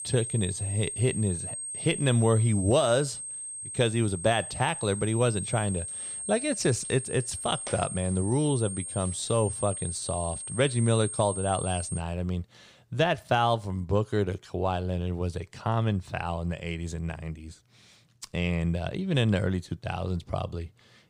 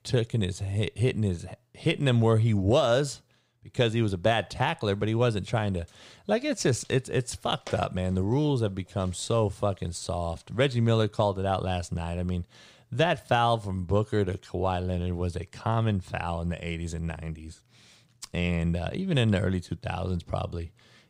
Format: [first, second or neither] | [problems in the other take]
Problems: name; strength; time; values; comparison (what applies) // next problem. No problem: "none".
second | high-pitched whine; loud; until 12 s; 8.5 kHz, 6 dB below the speech